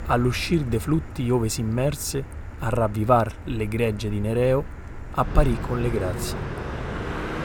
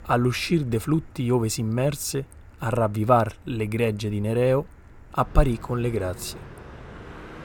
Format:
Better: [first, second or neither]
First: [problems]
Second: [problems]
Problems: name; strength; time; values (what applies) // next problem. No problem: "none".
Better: second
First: traffic noise; loud; throughout; 10 dB below the speech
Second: traffic noise; faint; throughout; 20 dB below the speech